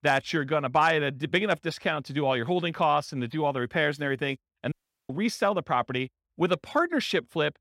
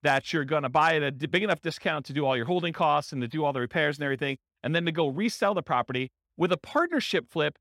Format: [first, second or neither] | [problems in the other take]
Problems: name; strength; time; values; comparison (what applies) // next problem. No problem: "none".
second | audio cutting out; at 4.5 s